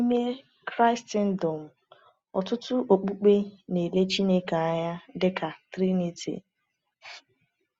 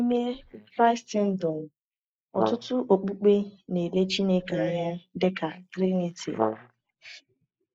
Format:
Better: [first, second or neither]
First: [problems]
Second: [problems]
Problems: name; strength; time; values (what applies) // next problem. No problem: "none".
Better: first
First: none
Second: noise reduction (neural mask model Resemble Enhance denoiser)